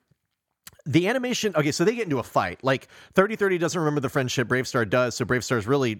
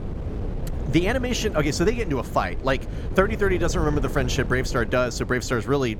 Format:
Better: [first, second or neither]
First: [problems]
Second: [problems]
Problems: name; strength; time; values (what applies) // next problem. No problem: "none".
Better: first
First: none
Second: wind noise on the microphone; occasional gusts; 15 dB below the speech